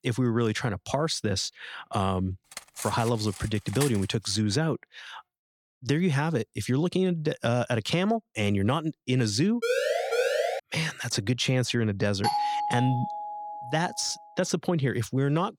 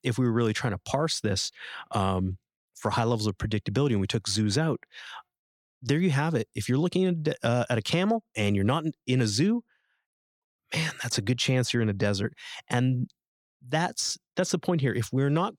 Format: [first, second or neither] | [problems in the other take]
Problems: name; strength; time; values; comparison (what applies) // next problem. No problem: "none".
second | clattering dishes; noticeable; from 2.5 to 4.5 s; peak 7 dB below the speech // siren; loud; at 9.5 s; peak 2 dB above the speech // doorbell; loud; from 12 to 14 s; peak 1 dB above the speech